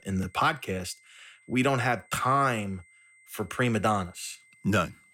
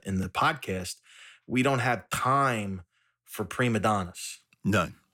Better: second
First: high-pitched whine; faint; throughout; 2 kHz, 30 dB below the speech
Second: none

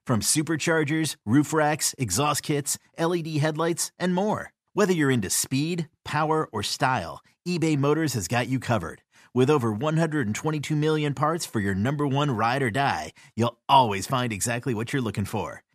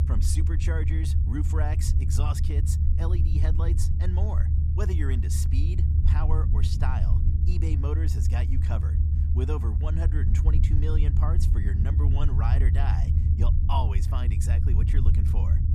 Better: first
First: none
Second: low rumble; loud; throughout; 2 dB below the speech

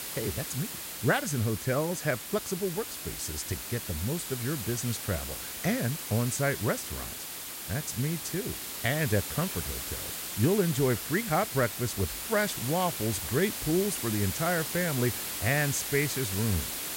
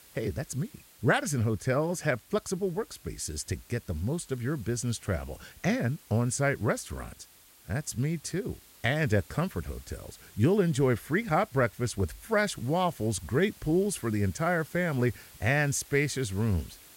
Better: second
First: hiss; loud; throughout; 4 dB below the speech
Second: hiss; faint; throughout; 25 dB below the speech

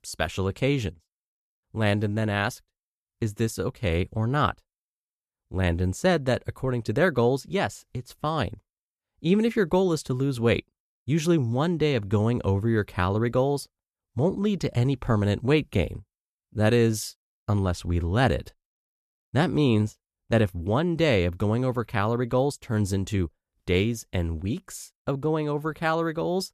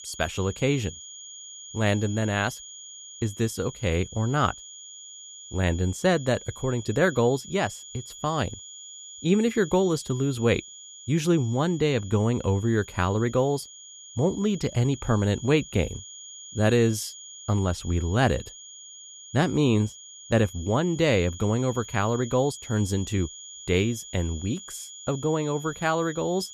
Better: first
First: none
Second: high-pitched whine; noticeable; throughout; 7 kHz, 15 dB below the speech

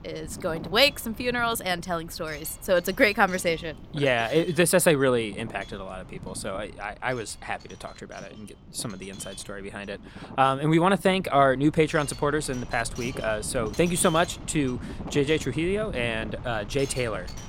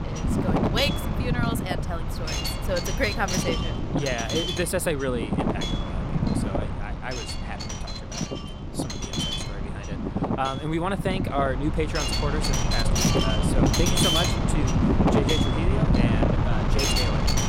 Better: first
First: wind noise on the microphone; occasional gusts; 20 dB below the speech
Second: wind noise on the microphone; heavy; 2 dB above the speech

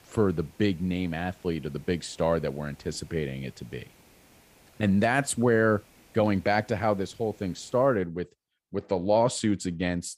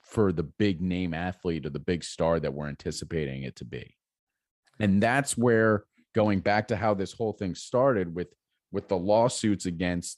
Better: second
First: hiss; faint; until 8 s; 30 dB below the speech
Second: none

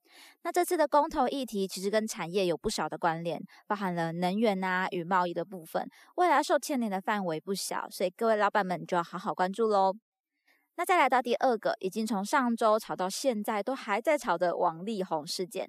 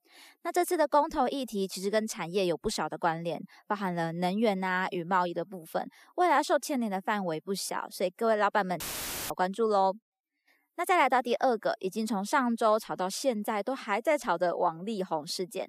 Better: first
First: none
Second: audio cutting out; filled with static; at 9 s for 0.5 s

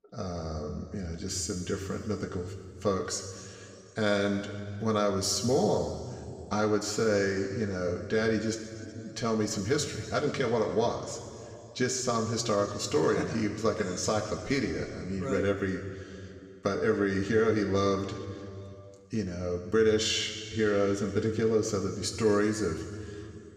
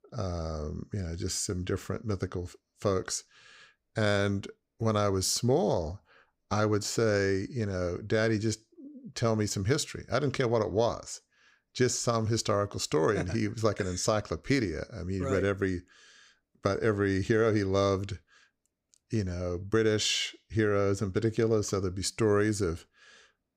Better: second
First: room echo; slight; dies away in 2.3 s // off-mic speech; somewhat distant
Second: none

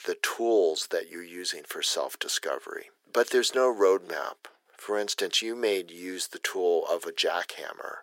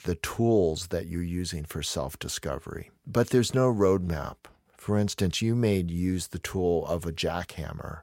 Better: second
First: thin; very; fading below 350 Hz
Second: none

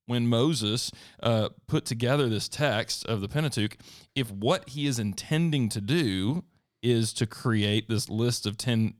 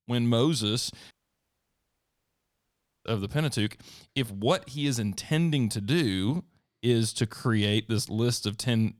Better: first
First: none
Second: audio cutting out; at 1 s for 2 s

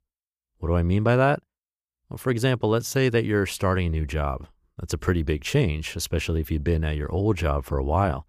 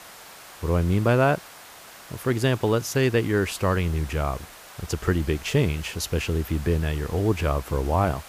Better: first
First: none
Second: hiss; noticeable; throughout; 20 dB below the speech

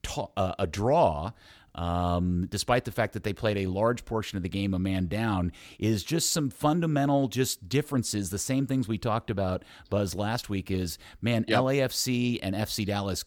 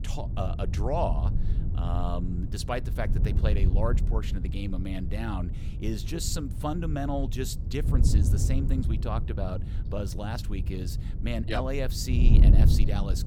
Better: first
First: none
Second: wind noise on the microphone; heavy; 8 dB below the speech

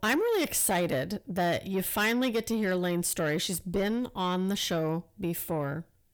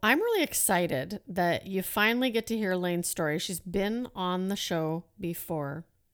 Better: second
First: distortion; slight; 10 dB below the speech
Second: none

